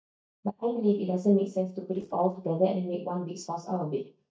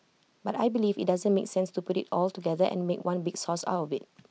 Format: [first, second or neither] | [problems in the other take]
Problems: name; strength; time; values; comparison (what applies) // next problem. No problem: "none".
second | noise reduction (neural mask model DeepFilterNet 3)